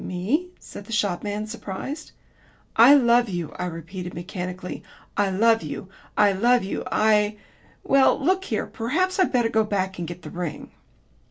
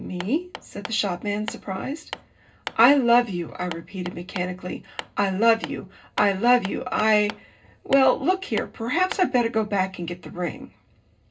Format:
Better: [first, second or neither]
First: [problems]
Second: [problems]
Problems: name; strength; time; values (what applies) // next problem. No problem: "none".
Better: first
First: none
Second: background sound (Hammer); 16 dB below the speech // room echo; dies away in 0.2 s